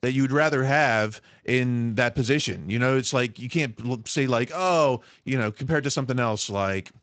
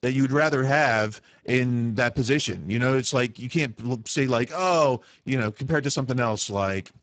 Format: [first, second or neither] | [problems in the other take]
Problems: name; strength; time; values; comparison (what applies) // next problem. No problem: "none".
first | garbled, watery; badly; nothing above 8 kHz; slightly in the first